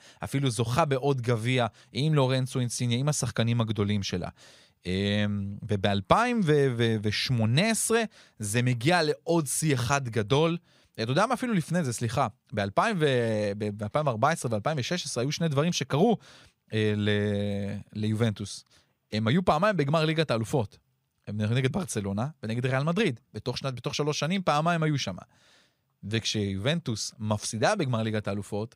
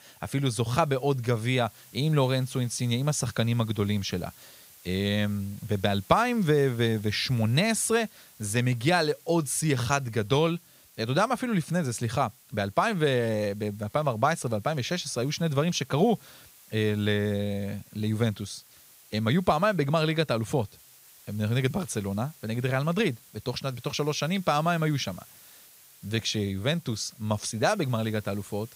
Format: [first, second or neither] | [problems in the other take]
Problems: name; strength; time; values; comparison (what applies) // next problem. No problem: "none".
first | hiss; faint; throughout; 25 dB below the speech